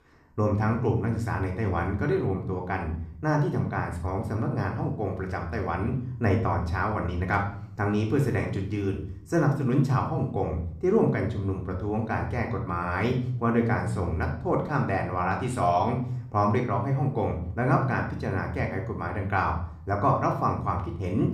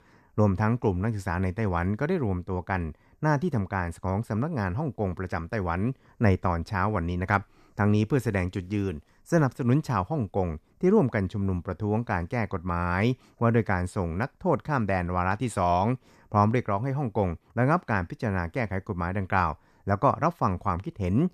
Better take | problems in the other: second | room echo; slight; dies away in 0.6 s // off-mic speech; somewhat distant

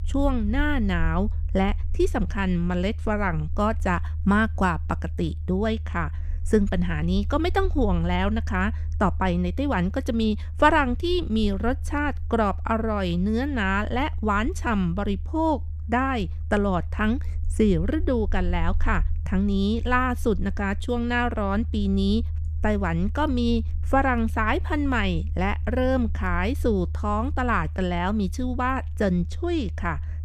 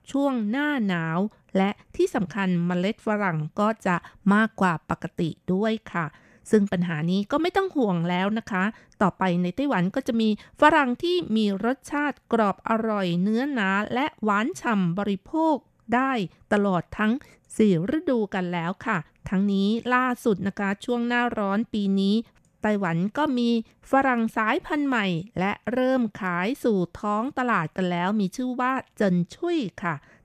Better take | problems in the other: second | low rumble; faint; throughout; 25 dB below the speech

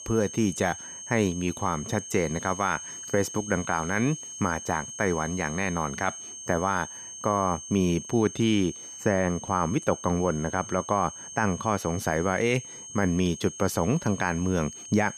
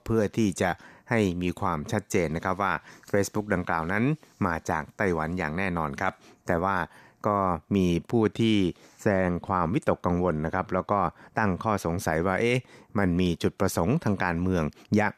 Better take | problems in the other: second | high-pitched whine; noticeable; throughout; 6.5 kHz, 10 dB below the speech

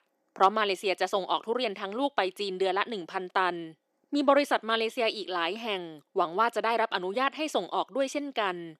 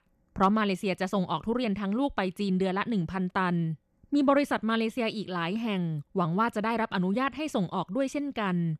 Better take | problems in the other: second | thin; somewhat; fading below 350 Hz

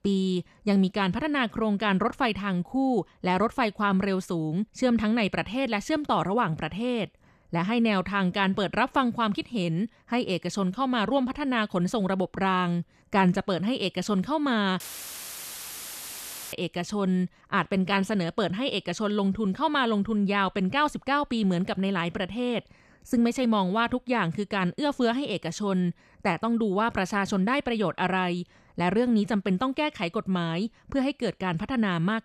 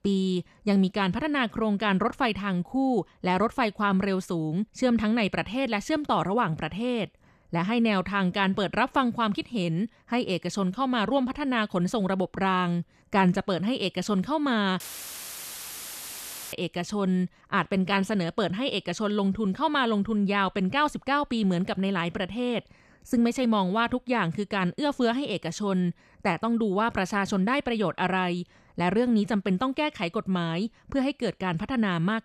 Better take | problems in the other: neither | audio cutting out; filled with static; at 15 s for 1.5 s; the same in both

